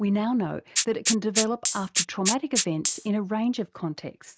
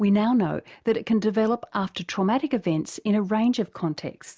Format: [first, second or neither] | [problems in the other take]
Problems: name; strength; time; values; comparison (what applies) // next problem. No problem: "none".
second | noise reduction (neural mask model RNNoise)